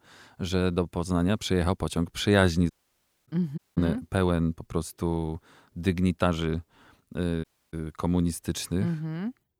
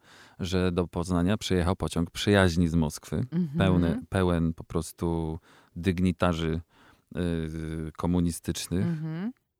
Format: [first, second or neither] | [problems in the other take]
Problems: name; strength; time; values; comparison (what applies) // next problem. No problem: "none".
second | audio cutting out; at 2.5 s for 0.5 s, at 3.5 s and at 7.5 s